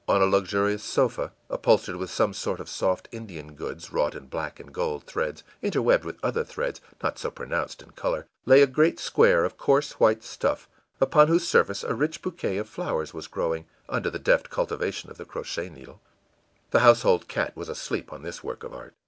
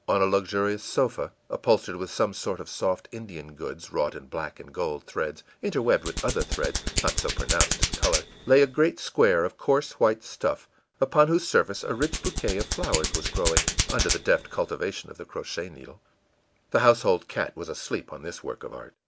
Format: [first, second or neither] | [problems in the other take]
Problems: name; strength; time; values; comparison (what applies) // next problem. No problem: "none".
first | background sound (Hands); 2 dB below the speech